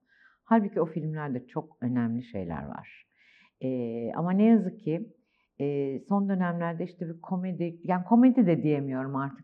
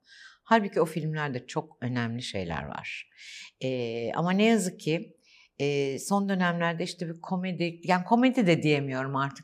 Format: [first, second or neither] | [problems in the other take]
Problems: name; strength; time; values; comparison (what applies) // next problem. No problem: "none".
second | muffled; very; fading above 1.5 kHz